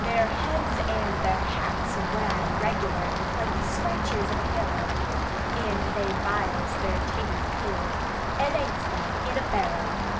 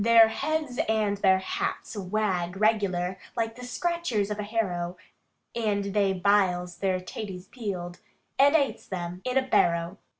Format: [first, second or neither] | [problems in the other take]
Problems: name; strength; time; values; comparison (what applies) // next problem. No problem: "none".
second | background sound (Rain); 5 dB above the speech